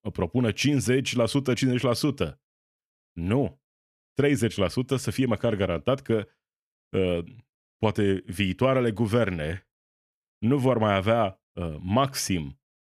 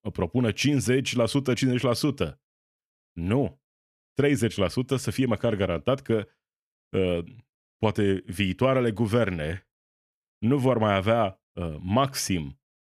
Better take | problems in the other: neither | none

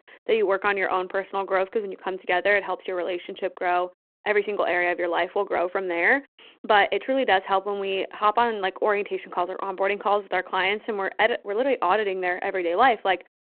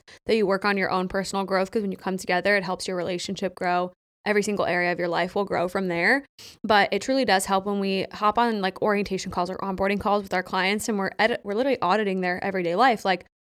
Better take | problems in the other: second | phone-call audio

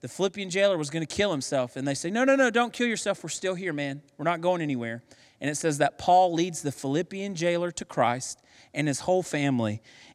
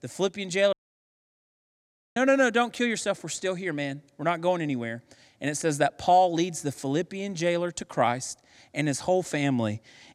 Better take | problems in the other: first | audio cutting out; at 0.5 s for 1.5 s

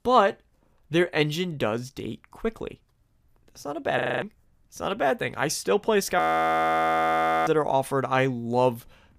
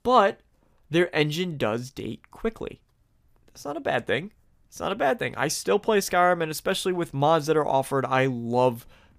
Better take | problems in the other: second | audio freezing; at 4 s and at 6 s for 1.5 s

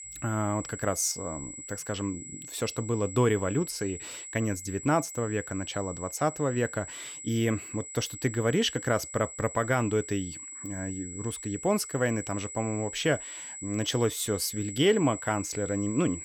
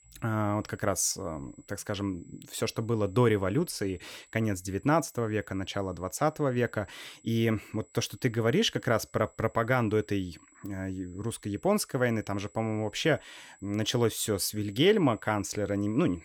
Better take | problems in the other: second | high-pitched whine; loud; throughout; 7.5 kHz, 10 dB below the speech; faint in the second

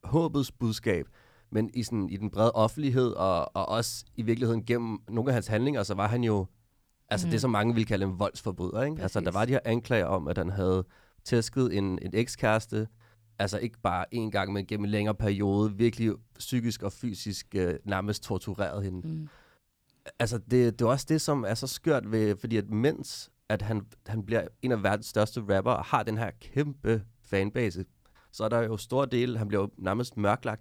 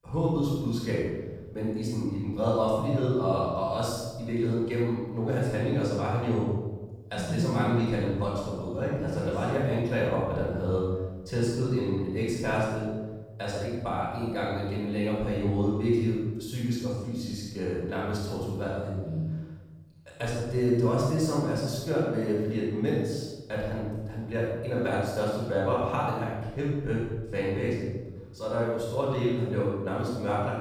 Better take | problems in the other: first | room echo; strong; dies away in 1.3 s // off-mic speech; far

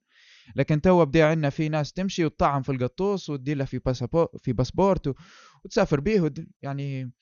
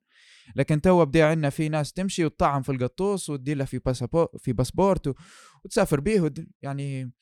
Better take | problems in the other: second | garbled, watery; slightly; nothing above 6.5 kHz

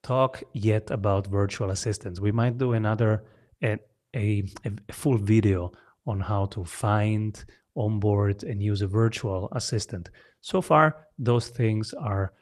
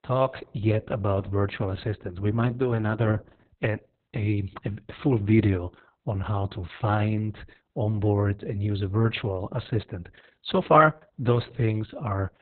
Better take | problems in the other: first | garbled, watery; badly; nothing above 4 kHz; slightly in the first

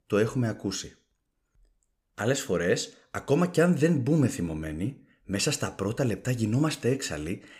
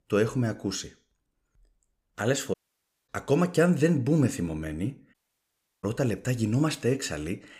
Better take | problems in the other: first | audio cutting out; at 2.5 s for 0.5 s and at 5 s for 0.5 s

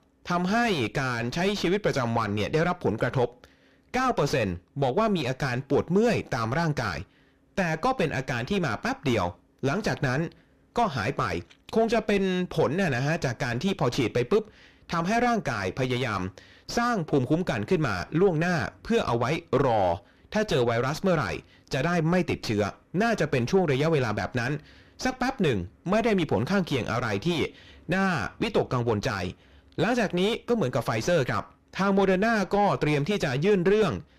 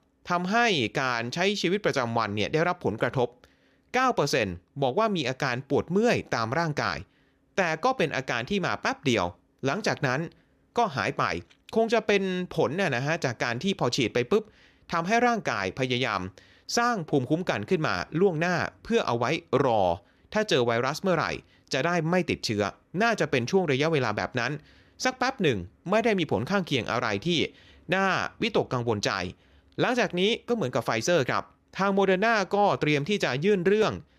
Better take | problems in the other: second | distortion; heavy; 5 dB below the speech

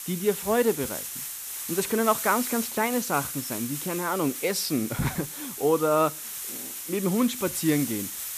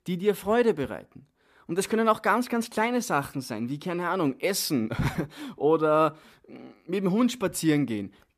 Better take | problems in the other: second | hiss; loud; throughout; 6 dB below the speech

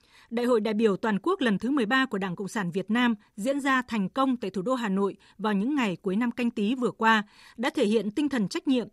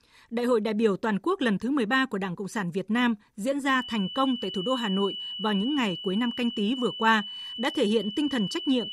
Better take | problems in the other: first | high-pitched whine; loud; from 3.5 s on; 3 kHz, 7 dB below the speech

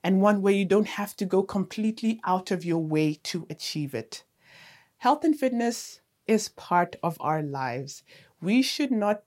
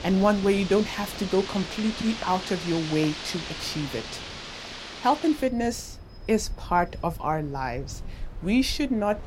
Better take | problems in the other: first | wind in the background; noticeable; throughout; 10 dB below the speech

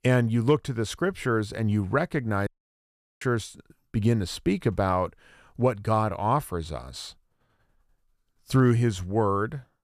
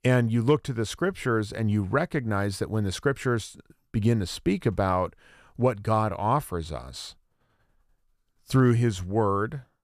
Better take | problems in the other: second | audio cutting out; at 2.5 s for 0.5 s

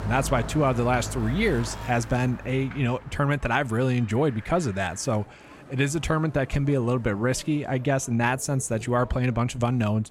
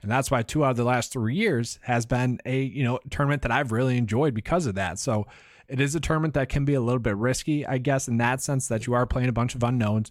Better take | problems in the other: second | traffic noise; noticeable; throughout; 15 dB below the speech

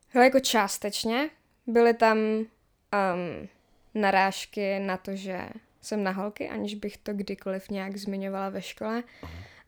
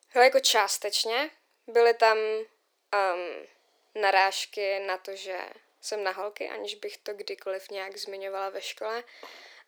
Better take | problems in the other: first | thin; very; fading below 350 Hz

